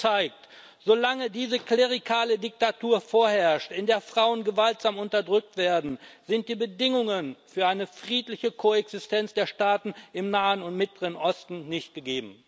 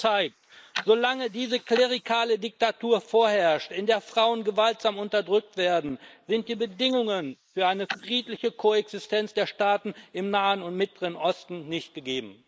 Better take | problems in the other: first | noise reduction (neural mask model Resemble Enhance denoiser)

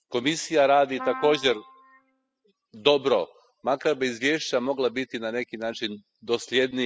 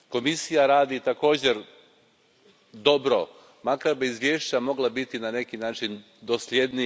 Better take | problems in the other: second | noise reduction (classical method spectral subtraction)

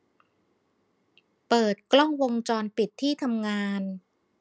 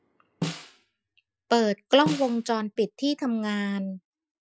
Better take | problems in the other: first | noise reduction (classical method Wiener filter)

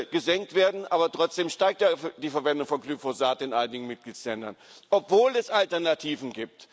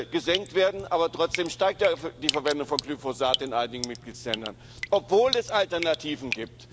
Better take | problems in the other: first | background sound (Drip); 9 dB below the speech

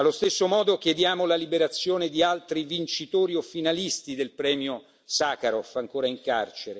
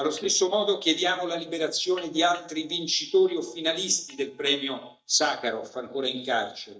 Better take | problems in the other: first | noise reduction (neural mask model DeepFilterNet 3)

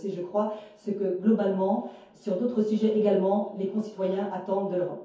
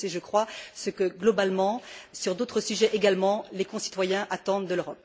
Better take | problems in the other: second | room echo; dies away in 0.6 s

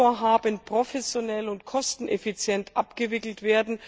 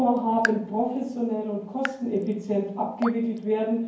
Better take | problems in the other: first | background sound (Raindrop / Drip); 12 dB below the speech // room echo; dies away in 0.9 s

